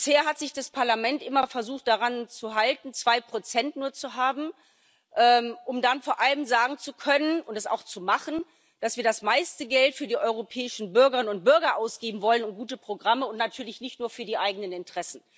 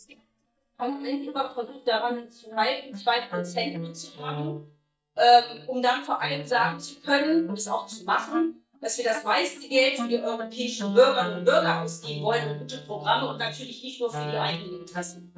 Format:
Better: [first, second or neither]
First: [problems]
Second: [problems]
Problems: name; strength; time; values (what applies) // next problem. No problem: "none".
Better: first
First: none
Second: noise reduction (neural mask model DeepFilterNet 3)